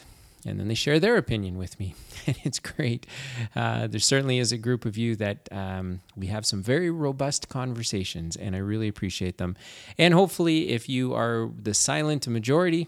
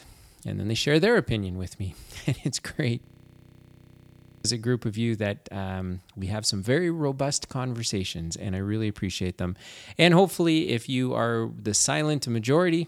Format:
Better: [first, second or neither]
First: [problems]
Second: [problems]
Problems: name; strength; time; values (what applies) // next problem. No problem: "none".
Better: first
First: none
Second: audio freezing; at 3 s for 1.5 s